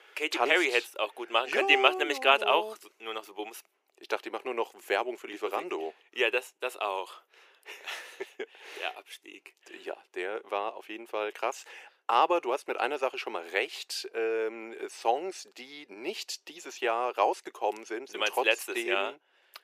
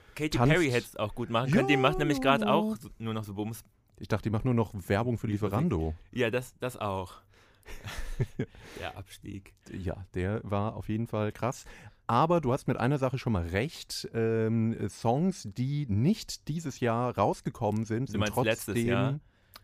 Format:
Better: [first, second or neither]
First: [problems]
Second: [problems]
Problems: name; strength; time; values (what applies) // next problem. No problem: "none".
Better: second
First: thin; very; fading below 350 Hz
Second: none